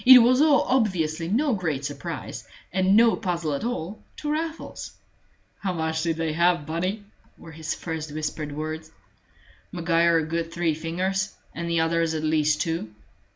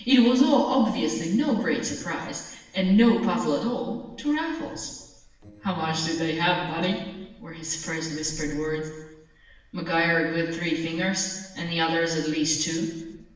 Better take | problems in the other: first | noise reduction (neural separator model SepFormer DNS4)

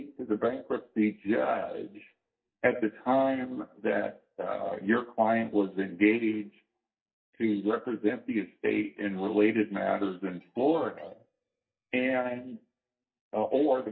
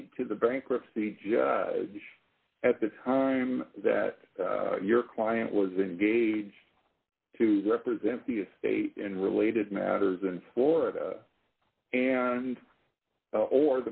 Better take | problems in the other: second | noise reduction (neural mask model DeepFilterNet 3)

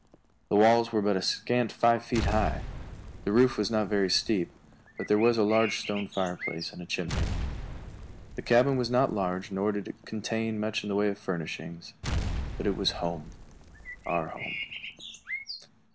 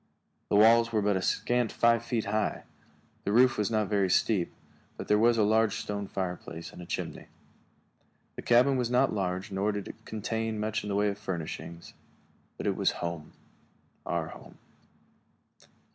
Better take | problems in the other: second | background sound (Explosion + Bird); 9 dB below the speech

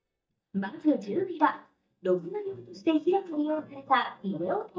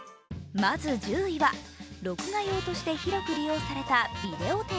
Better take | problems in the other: second | noise reduction (neural mask model DeepFilterNet 3)

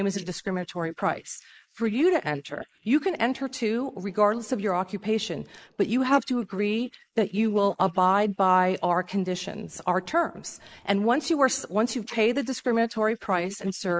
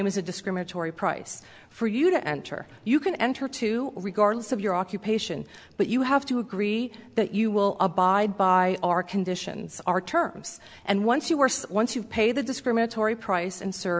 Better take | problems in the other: second | noise reduction (neural mask model Resemble Enhance denoiser)

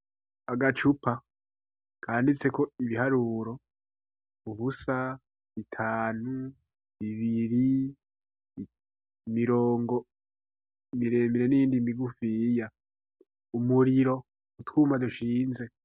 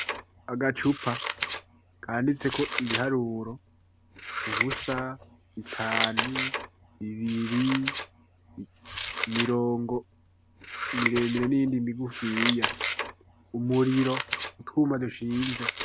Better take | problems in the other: first | background sound (Scissors); 5 dB below the speech

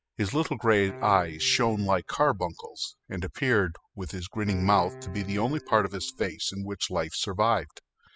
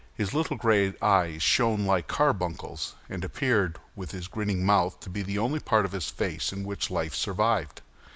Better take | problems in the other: second | noise reduction (classical method spectral subtraction)

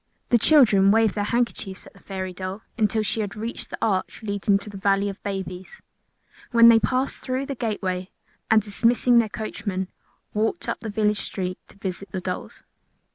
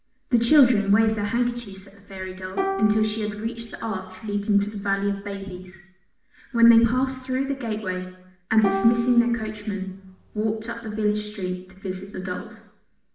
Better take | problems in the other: first | background sound (Plucked string instrument); 8 dB below the speech // room echo; dies away in 0.8 s

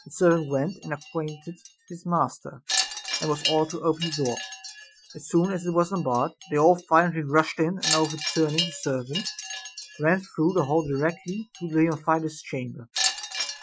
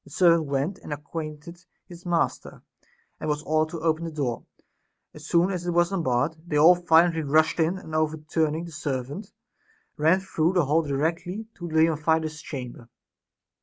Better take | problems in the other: second | noise reduction (classical method Wiener filter)

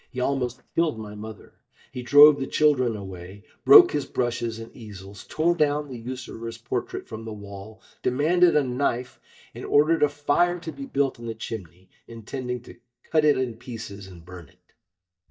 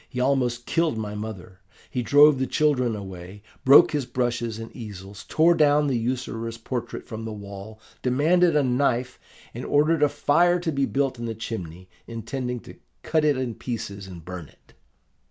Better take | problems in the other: second | noise reduction (neural mask model DeepFilterNet 3)

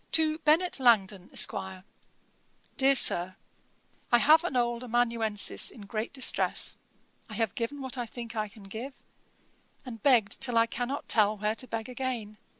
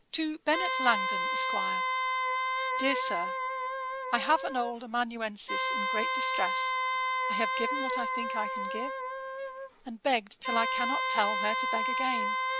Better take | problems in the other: first | background sound (Wind instrument, woodwind instrument); 3 dB above the speech

